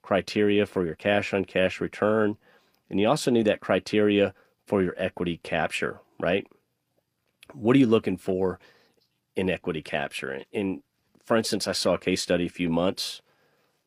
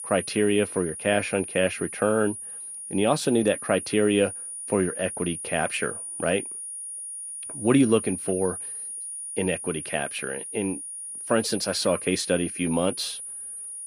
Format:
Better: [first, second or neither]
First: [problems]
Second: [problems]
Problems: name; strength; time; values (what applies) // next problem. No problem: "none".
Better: first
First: none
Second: high-pitched whine; loud; throughout; 9.5 kHz, 8 dB below the speech